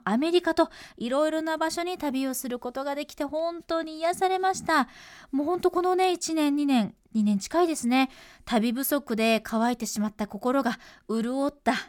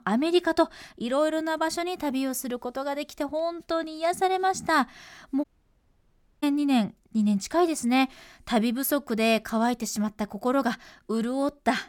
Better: first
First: none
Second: audio cutting out; at 5.5 s for 1 s

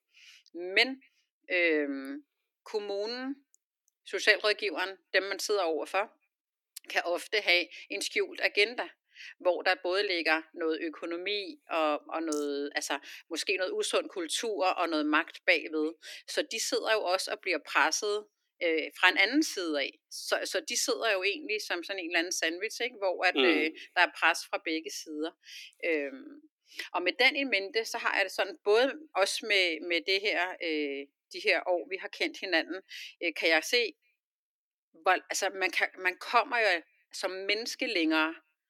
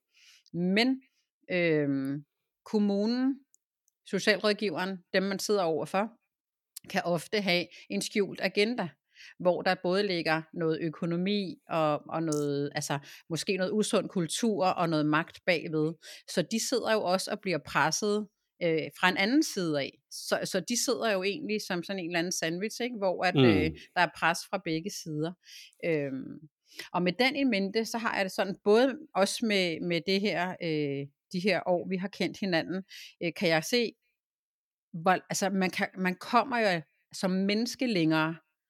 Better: second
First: thin; somewhat; fading below 300 Hz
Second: none

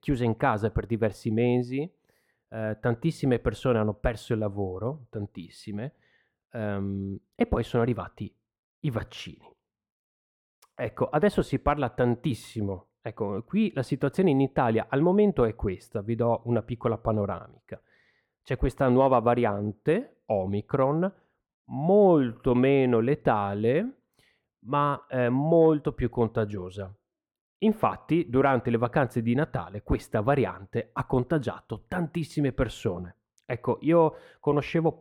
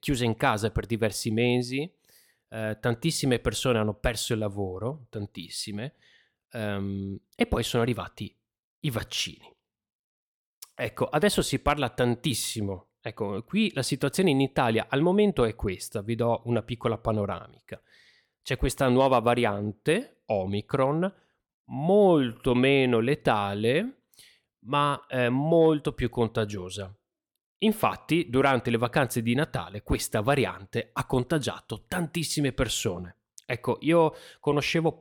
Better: second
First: muffled; very; fading above 2.5 kHz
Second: none

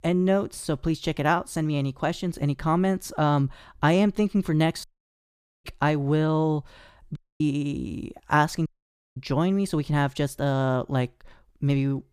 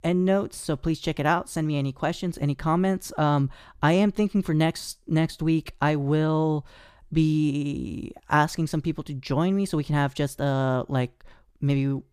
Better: second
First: audio cutting out; at 5 s for 1 s, at 7 s and at 8.5 s for 0.5 s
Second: none

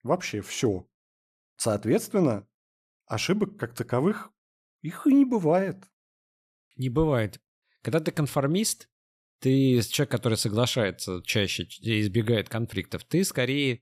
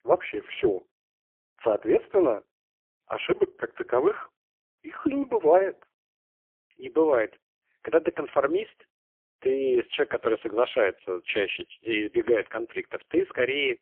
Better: first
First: none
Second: phone-call audio; poor line; nothing above 3.5 kHz

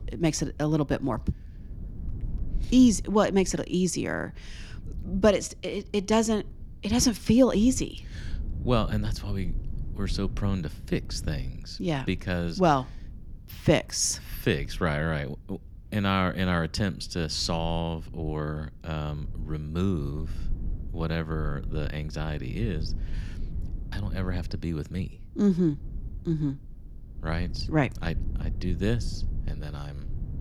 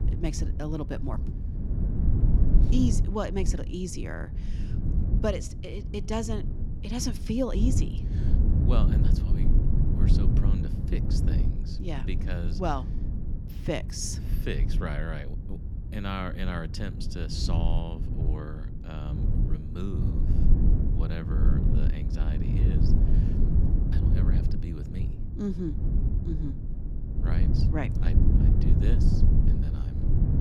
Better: first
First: low rumble; faint; throughout; 25 dB below the speech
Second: low rumble; loud; throughout; 4 dB below the speech

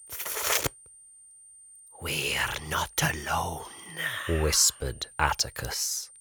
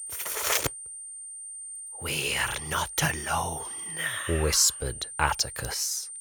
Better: first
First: high-pitched whine; faint; throughout; 9 kHz, 20 dB below the speech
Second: high-pitched whine; loud; throughout; 9 kHz, 9 dB below the speech

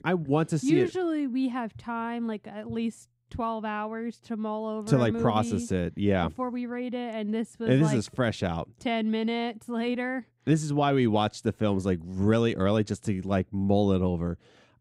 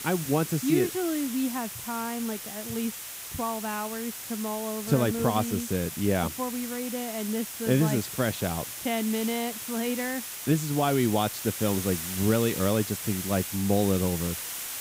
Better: first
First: none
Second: hiss; loud; throughout; 6 dB below the speech

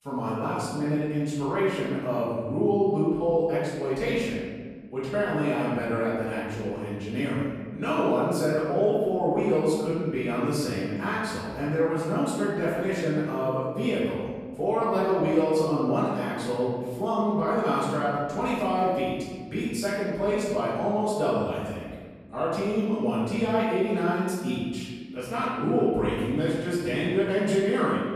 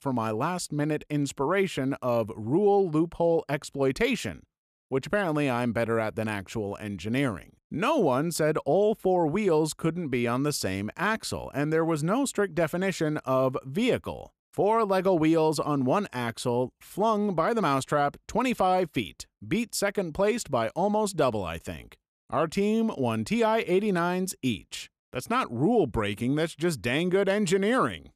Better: second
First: room echo; strong; dies away in 1.5 s // off-mic speech; far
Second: none

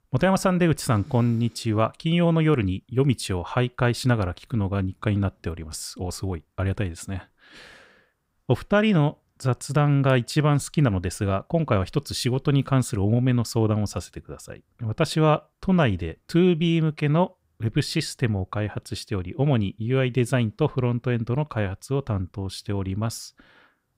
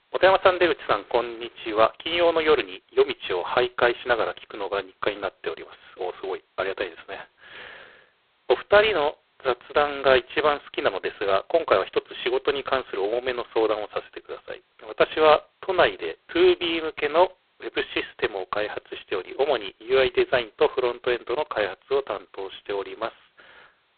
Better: first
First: none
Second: phone-call audio; poor line; nothing above 4 kHz

